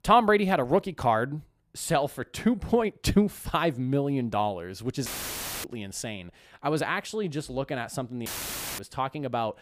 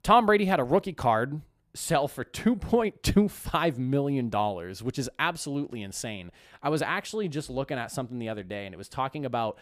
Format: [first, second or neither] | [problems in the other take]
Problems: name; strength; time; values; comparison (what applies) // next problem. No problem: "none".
second | audio cutting out; filled with static; at 5 s for 0.5 s and at 8.5 s for 0.5 s